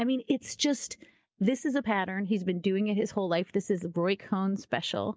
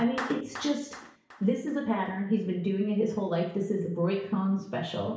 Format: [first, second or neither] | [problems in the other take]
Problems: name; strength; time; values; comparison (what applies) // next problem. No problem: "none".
first | background sound (Clapping); 17 dB below the speech // room echo; dies away in 0.6 s